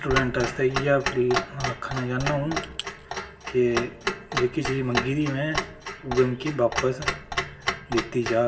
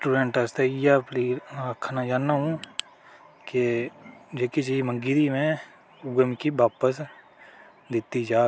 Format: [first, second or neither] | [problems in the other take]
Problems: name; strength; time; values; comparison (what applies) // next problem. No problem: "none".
second | background sound (Clock); 5 dB below the speech // room echo; dies away in 1.3 s